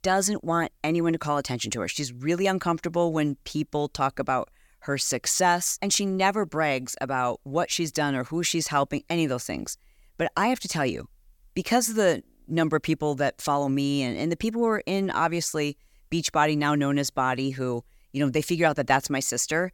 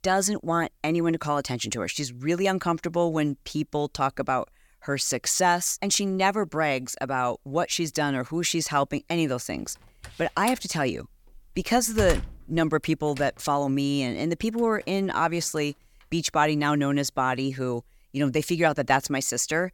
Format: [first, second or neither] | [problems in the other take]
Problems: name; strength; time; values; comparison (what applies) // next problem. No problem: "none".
first | door banging; noticeable; from 10 to 13 s; peak 5 dB below the speech